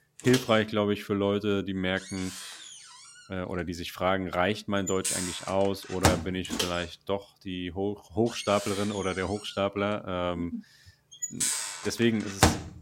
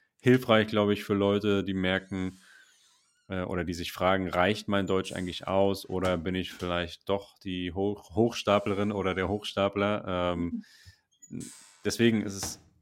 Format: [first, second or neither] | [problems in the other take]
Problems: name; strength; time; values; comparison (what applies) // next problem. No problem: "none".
second | household noises; loud; throughout; 2 dB below the speech; faint in the second